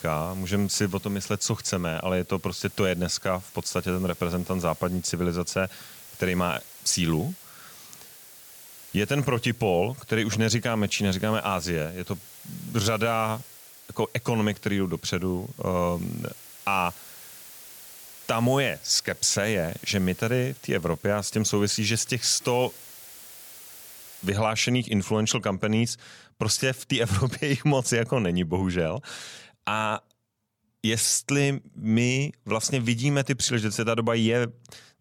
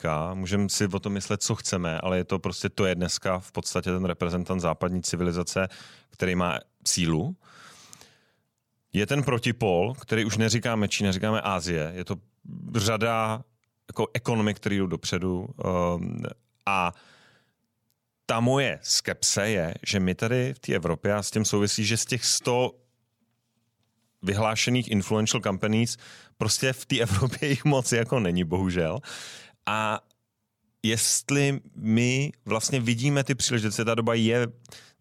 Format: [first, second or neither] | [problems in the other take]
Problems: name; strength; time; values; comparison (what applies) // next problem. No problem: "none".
second | hiss; noticeable; until 24 s; 20 dB below the speech